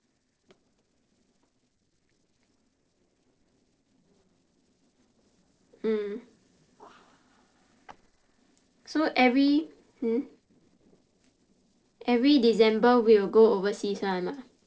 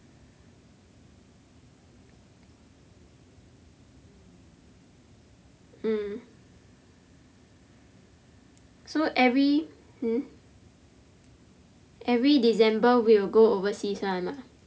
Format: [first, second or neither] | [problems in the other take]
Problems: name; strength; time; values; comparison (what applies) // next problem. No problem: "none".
second | noise reduction (neural separator model SepFormer DNS4)